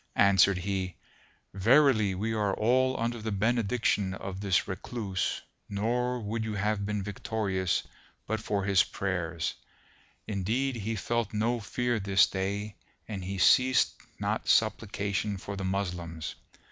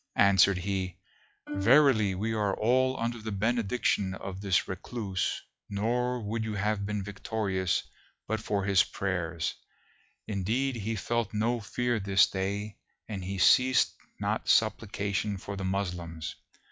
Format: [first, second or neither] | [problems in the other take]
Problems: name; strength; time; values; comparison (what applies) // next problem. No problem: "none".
first | noise reduction (classical method log-MMSE)